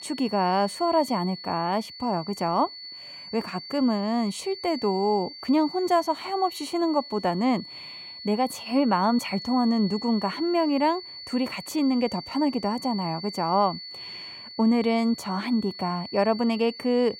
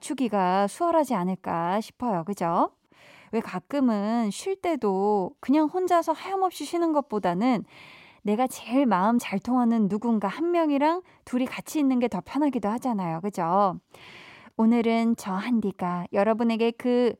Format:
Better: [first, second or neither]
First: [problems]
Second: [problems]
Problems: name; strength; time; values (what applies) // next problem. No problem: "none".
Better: second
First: high-pitched whine; noticeable; throughout; 4.5 kHz, 10 dB below the speech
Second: none